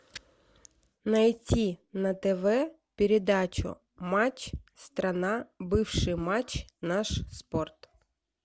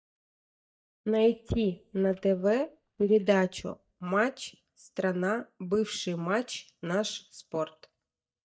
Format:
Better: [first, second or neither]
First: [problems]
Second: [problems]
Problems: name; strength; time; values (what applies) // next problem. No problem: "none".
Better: first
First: none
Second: noise reduction (neural mask model DeepFilterNet 3)